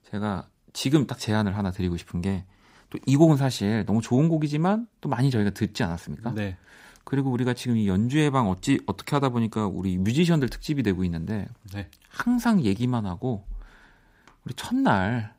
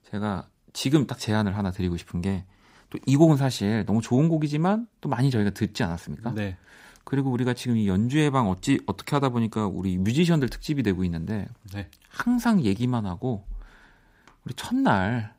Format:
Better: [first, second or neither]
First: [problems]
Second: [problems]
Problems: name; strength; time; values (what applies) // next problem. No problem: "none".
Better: neither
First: none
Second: none